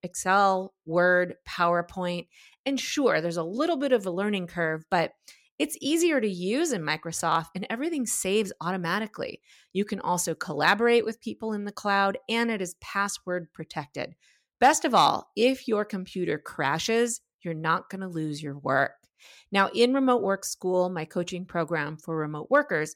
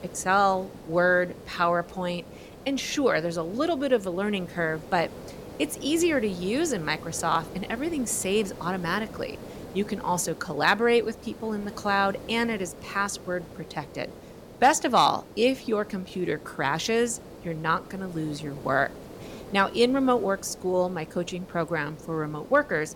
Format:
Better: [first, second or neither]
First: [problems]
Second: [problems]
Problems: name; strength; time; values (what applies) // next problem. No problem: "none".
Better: first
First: none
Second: hiss; noticeable; throughout; 15 dB below the speech